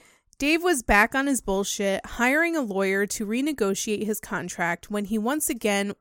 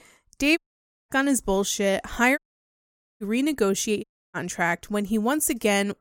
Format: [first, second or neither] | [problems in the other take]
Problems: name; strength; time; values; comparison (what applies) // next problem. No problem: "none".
first | audio cutting out; at 0.5 s for 0.5 s, at 2.5 s for 1 s and at 4 s